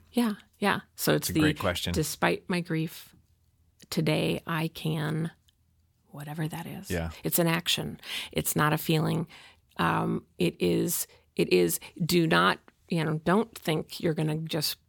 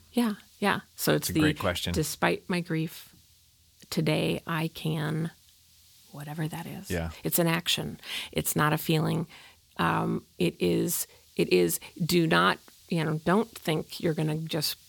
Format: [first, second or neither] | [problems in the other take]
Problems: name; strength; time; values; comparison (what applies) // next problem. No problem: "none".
first | hiss; faint; throughout; 30 dB below the speech